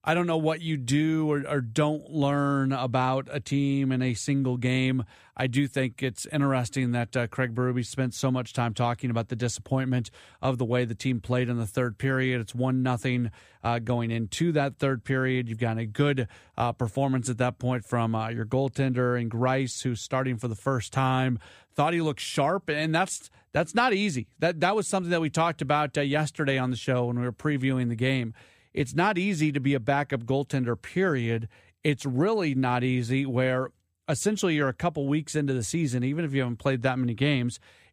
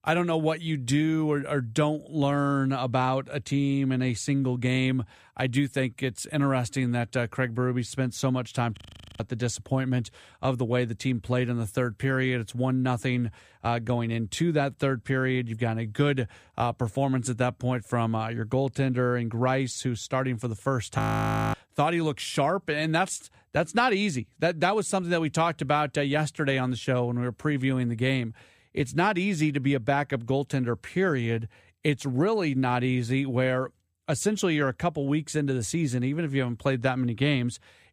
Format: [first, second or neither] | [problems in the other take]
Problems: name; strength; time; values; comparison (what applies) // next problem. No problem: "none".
first | audio freezing; at 9 s and at 21 s for 0.5 s